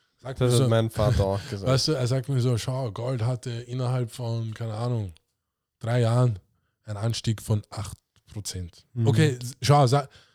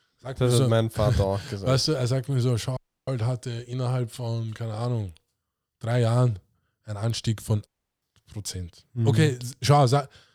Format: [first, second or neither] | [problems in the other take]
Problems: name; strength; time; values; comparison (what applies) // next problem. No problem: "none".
first | audio cutting out; at 3 s and at 7.5 s